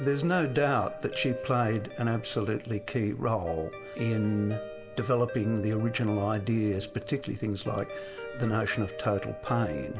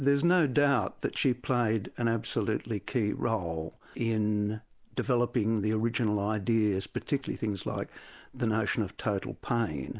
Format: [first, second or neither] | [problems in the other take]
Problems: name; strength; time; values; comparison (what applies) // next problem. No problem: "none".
second | background sound (Guitar); 12 dB below the speech // room echo; dies away in 1.6 s